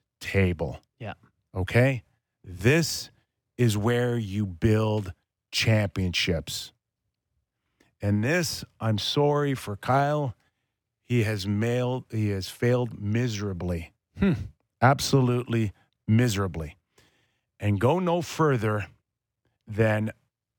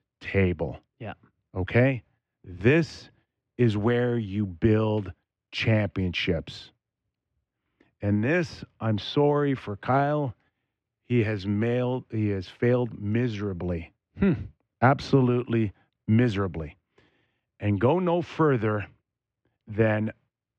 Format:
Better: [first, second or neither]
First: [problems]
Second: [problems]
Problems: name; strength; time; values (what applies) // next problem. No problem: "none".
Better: first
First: none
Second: muffled; slightly; fading above 2.5 kHz